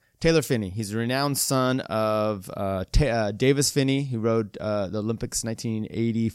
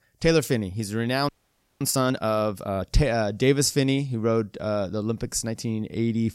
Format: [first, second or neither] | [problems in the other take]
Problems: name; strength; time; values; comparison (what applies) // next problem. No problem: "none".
first | audio freezing; at 1.5 s for 0.5 s